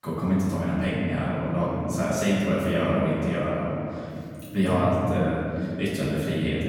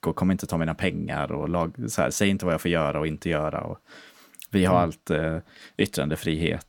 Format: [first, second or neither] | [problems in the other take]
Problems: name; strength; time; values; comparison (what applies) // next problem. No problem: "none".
second | off-mic speech; far // room echo; strong; dies away in 2.8 s